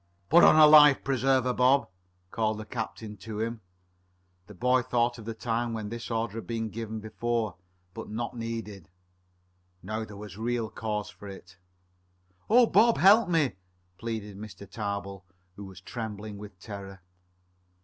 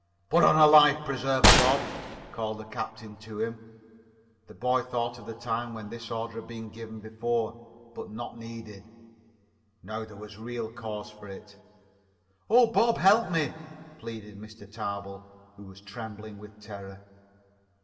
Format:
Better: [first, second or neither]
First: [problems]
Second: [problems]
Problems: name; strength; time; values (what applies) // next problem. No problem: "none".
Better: first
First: none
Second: background sound (Gunshot, gunfire); 4 dB above the speech // room echo; dies away in 1.8 s